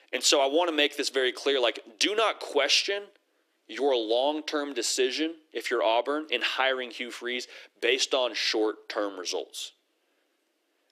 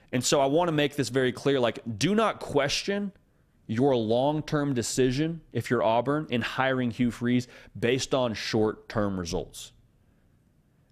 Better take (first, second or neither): second